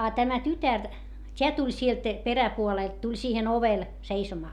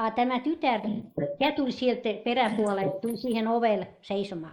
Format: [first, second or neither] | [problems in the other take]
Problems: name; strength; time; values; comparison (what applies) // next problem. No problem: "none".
first | noise reduction (neural mask model Resemble Enhance denoiser)